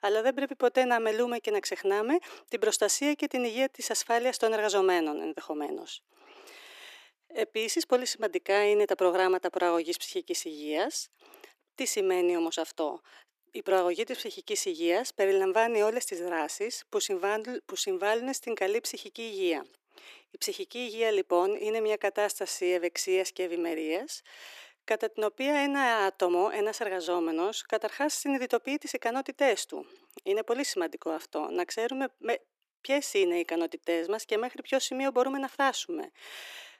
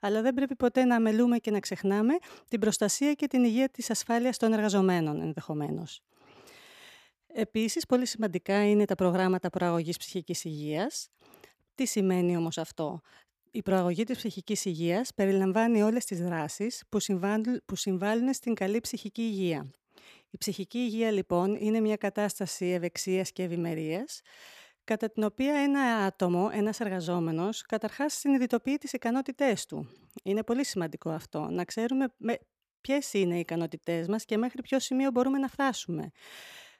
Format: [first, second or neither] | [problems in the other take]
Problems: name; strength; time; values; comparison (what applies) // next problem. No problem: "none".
second | thin; somewhat; fading below 300 Hz